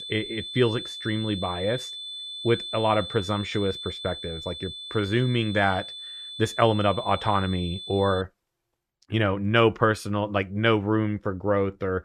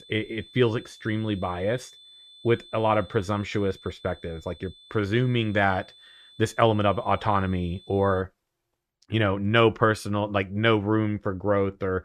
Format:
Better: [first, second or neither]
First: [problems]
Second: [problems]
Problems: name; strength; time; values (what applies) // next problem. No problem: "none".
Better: second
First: high-pitched whine; loud; until 8 s; 3.5 kHz, 9 dB below the speech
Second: high-pitched whine; faint; until 8 s; 3.5 kHz, 25 dB below the speech